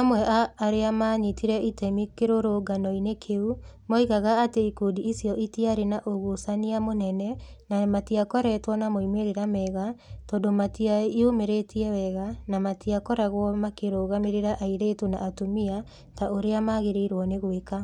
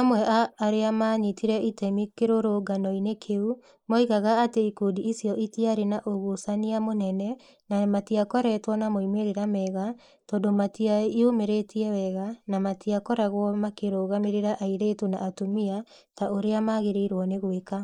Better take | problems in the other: first | noise reduction (neural mask model Resemble Enhance denoiser)

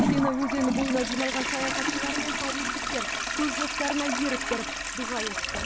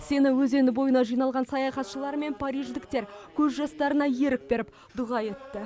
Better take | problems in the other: second | background sound (Toilet flush); 1 dB above the speech

